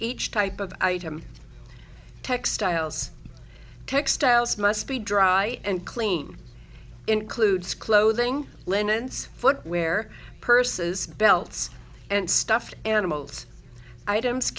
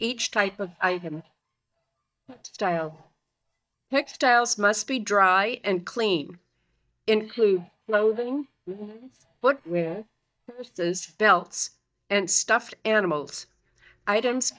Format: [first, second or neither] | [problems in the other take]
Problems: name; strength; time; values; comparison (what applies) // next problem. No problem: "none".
first | noise reduction (neural mask model DeepFilterNet 3)